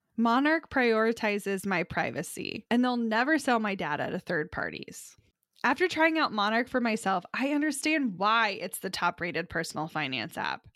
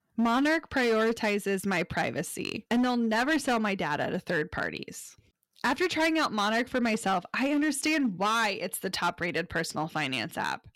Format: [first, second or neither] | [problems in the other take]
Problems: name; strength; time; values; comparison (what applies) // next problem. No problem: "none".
first | distortion; slight; 9% of the sound clipped